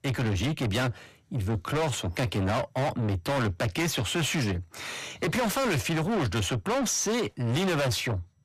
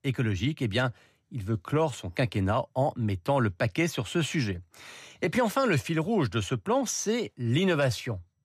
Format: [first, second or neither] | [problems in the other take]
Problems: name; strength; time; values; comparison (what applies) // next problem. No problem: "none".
second | distortion; heavy; 6 dB below the speech